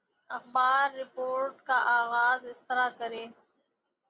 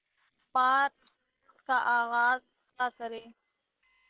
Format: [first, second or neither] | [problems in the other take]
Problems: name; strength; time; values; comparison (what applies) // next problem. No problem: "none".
first | noise reduction (neural separator model SepFormer WHAM!)